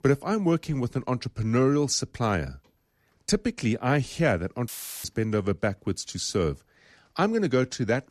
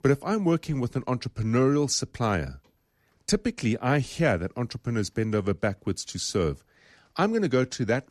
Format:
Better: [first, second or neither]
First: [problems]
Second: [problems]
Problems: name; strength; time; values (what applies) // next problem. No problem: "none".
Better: second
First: audio cutting out; filled with static; at 4.5 s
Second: none